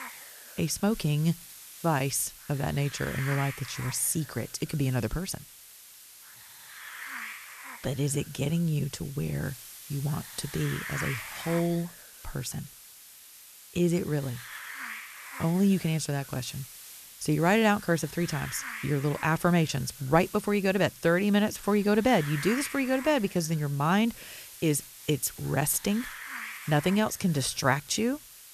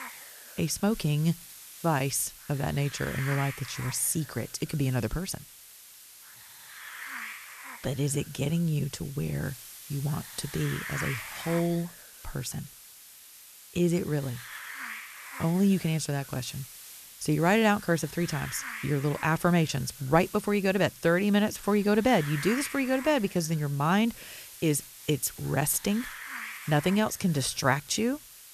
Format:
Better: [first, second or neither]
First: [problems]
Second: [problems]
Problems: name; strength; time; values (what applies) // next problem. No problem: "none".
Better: neither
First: hiss; noticeable; throughout; 15 dB below the speech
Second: hiss; noticeable; throughout; 15 dB below the speech